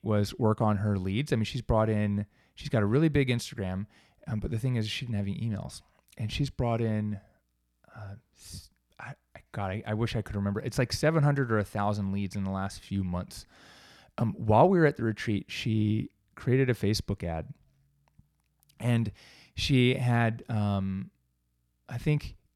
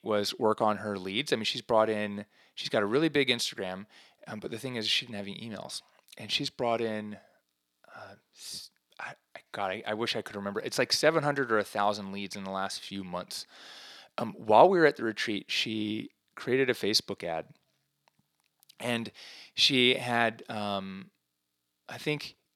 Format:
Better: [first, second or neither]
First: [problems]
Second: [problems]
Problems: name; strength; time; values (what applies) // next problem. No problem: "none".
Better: first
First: none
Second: thin; somewhat; fading below 350 Hz